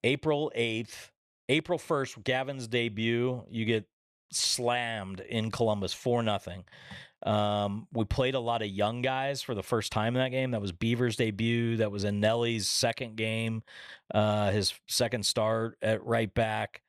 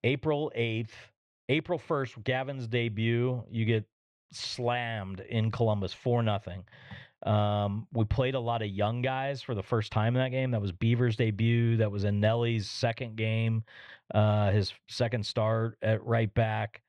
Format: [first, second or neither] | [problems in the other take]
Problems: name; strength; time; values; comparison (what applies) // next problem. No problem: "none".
first | muffled; very slightly; fading above 3.5 kHz